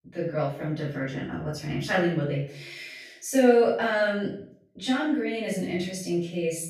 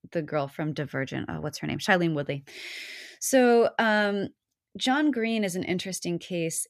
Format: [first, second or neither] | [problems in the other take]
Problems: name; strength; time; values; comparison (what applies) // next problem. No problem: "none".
second | off-mic speech; far // room echo; noticeable; dies away in 0.5 s